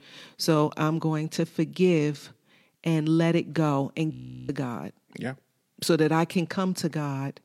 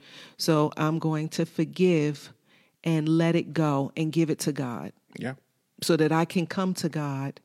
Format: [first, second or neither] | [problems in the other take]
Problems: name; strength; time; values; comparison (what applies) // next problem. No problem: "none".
second | audio freezing; at 4 s